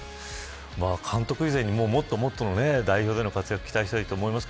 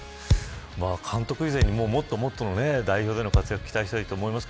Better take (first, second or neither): first